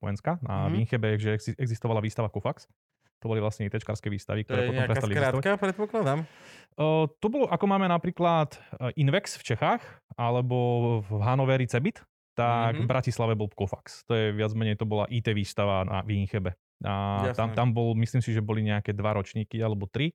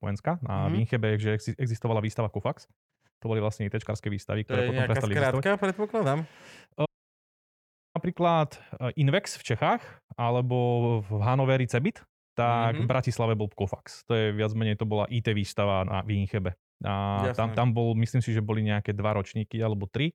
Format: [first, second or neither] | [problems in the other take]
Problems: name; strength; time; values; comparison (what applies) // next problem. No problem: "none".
first | audio cutting out; at 7 s for 1 s